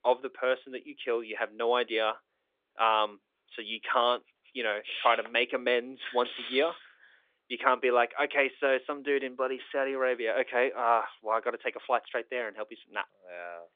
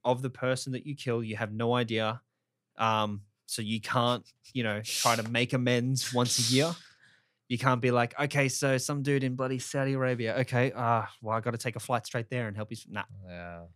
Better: second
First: phone-call audio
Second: none

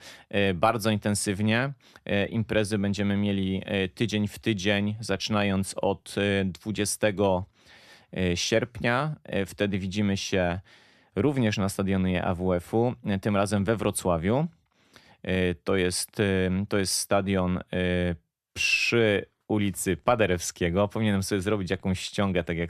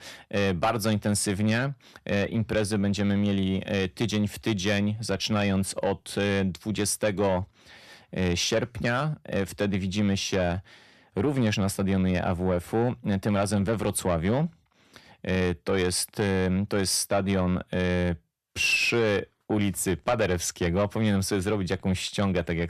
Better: first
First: none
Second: distortion; slight; 10 dB below the speech

